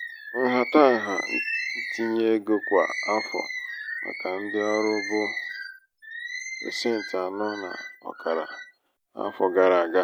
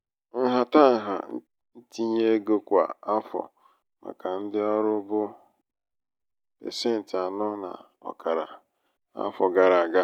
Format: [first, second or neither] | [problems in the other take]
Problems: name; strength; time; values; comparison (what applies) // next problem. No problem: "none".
second | background sound (Bird); 8 dB below the speech